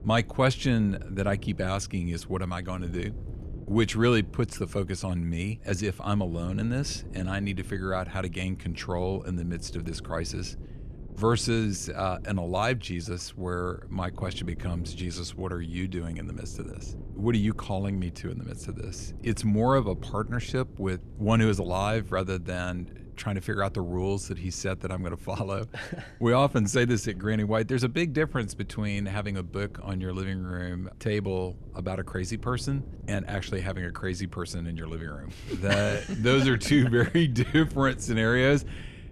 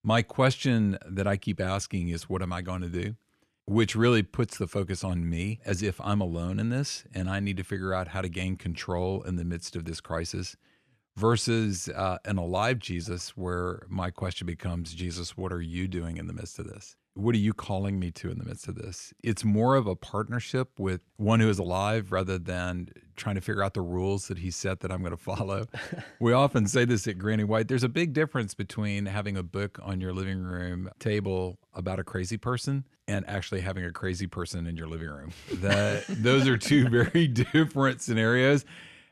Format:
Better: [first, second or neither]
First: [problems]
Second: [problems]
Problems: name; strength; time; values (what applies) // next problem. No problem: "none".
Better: second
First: wind noise on the microphone; occasional gusts; 20 dB below the speech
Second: none